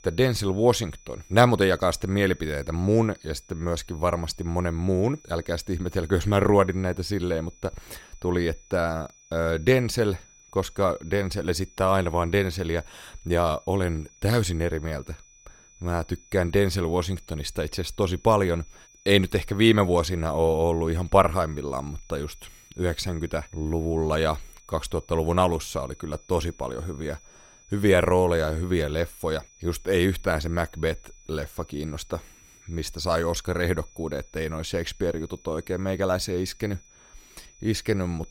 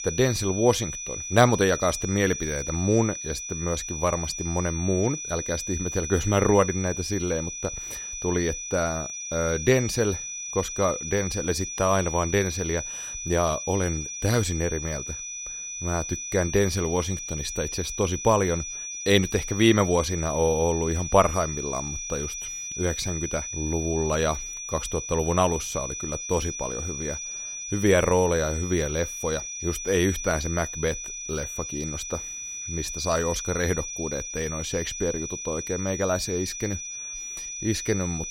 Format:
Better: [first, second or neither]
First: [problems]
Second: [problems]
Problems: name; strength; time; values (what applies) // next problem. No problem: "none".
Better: first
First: high-pitched whine; faint; throughout; 6 kHz, 25 dB below the speech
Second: high-pitched whine; loud; throughout; 6 kHz, 6 dB below the speech